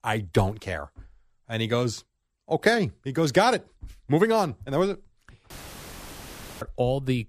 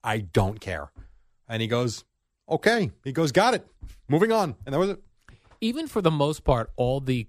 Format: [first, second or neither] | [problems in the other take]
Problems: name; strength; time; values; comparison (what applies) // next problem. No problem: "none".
second | audio cutting out; filled with static; at 5.5 s for 1 s